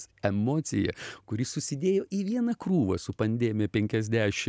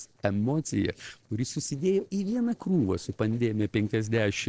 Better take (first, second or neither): first